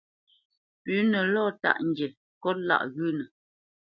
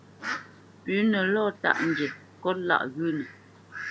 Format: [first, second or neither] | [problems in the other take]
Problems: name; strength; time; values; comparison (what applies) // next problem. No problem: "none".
first | background sound (Fowl); 11 dB below the speech